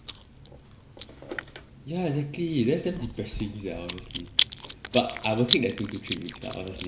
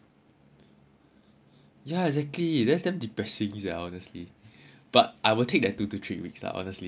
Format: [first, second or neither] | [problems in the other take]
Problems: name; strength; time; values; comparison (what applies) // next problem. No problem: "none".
second | background sound (Chewing, mastication); 4 dB below the speech // room echo; dies away in 1.2 s